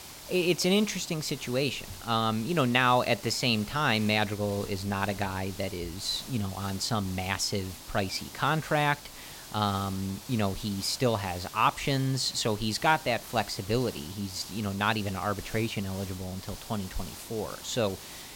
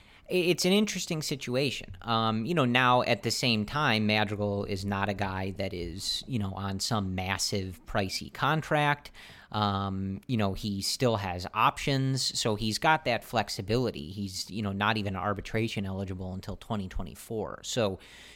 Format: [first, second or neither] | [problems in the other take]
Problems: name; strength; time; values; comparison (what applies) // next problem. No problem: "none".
second | hiss; noticeable; throughout; 15 dB below the speech